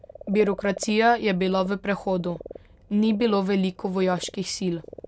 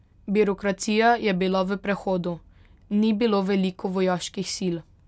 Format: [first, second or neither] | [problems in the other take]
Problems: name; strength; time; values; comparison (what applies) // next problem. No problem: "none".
second | background sound (Frog); 18 dB below the speech